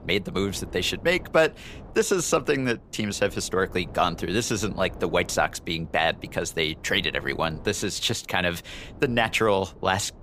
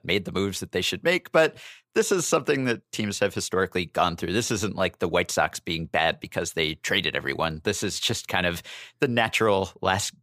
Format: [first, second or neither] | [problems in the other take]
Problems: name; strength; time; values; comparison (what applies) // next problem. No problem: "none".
second | wind noise on the microphone; occasional gusts; 25 dB below the speech